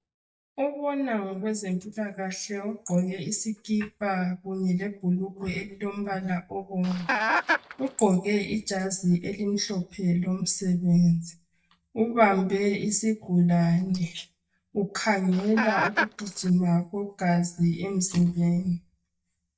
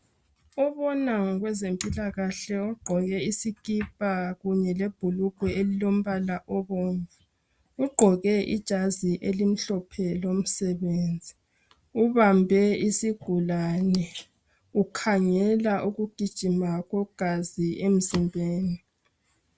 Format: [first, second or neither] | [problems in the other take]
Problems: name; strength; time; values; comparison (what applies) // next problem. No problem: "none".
second | noise reduction (neural mask model DeepFilterNet 3)